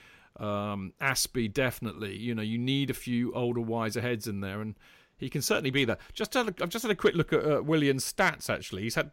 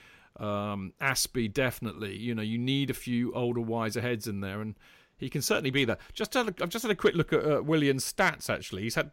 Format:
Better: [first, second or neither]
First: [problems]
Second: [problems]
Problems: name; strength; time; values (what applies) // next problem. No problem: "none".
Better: neither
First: none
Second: none